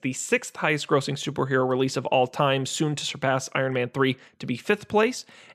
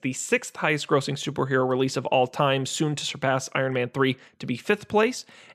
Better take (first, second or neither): neither